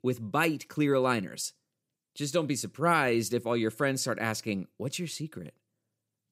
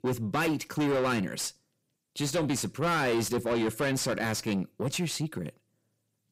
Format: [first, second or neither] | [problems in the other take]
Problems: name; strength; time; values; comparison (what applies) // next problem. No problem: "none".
first | distortion; heavy; 6 dB below the speech